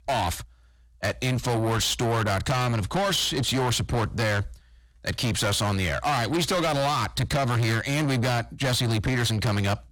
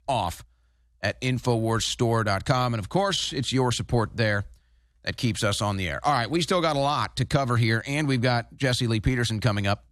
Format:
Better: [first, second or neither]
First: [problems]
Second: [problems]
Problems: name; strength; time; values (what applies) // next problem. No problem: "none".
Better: second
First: distortion; heavy; 6 dB below the speech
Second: none